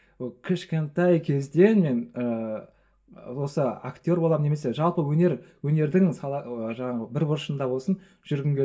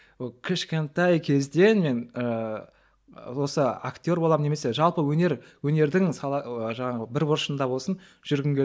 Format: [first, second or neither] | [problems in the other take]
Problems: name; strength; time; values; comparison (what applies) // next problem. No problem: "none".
second | room echo; dies away in 0.2 s